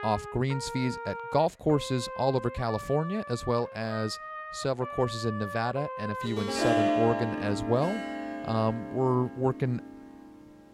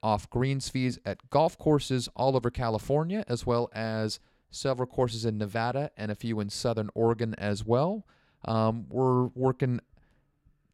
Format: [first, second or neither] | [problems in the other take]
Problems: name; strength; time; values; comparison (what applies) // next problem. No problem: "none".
second | background music; loud; throughout; 5 dB below the speech